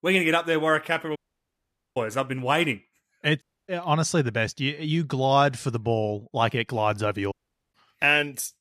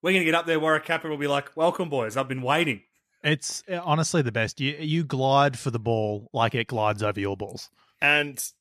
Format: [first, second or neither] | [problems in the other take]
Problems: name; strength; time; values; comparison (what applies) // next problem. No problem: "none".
second | audio cutting out; at 1 s for 1 s, at 3.5 s and at 7.5 s